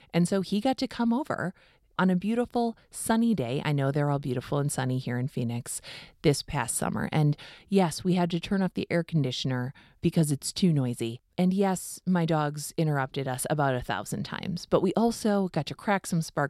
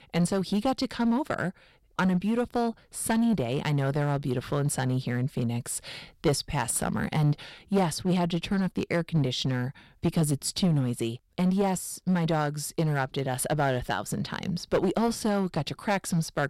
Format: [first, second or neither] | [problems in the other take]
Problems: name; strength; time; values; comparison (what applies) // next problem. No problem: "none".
first | distortion; slight; 7% of the sound clipped